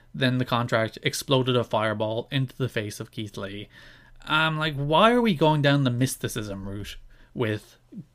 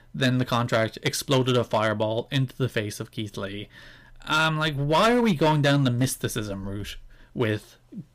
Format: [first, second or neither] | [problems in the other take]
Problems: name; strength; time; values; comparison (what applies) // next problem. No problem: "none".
first | distortion; slight; 4% of the sound clipped